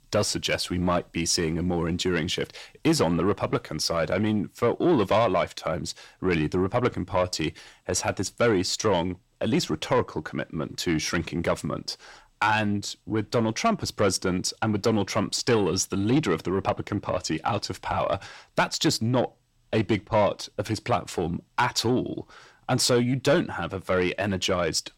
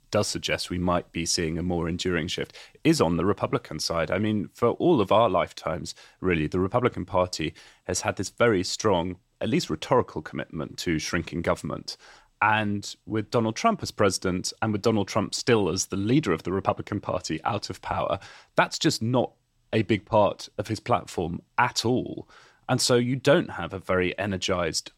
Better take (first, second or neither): second